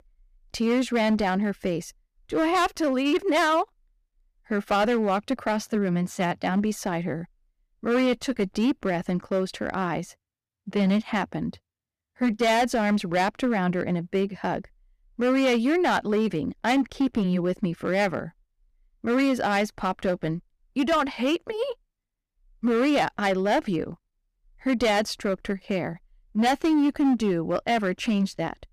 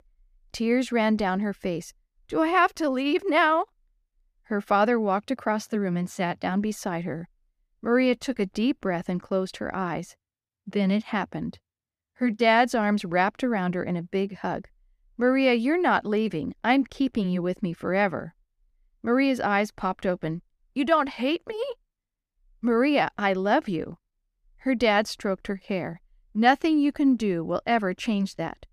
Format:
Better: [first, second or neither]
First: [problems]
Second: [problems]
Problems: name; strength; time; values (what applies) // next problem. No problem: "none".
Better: second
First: distortion; slight; 8% of the sound clipped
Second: none